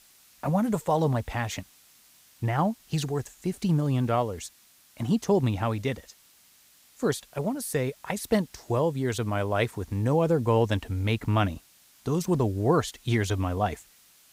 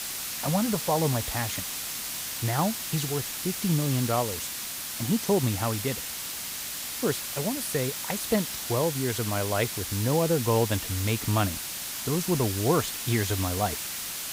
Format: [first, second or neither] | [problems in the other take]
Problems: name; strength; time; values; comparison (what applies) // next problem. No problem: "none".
first | hiss; loud; throughout; 3 dB below the speech; faint in the first